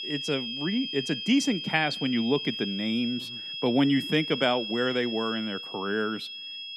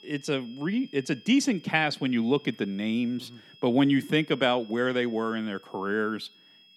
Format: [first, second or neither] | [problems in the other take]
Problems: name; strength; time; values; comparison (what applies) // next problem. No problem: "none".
second | high-pitched whine; loud; throughout; 3.5 kHz, 6 dB below the speech; faint in the second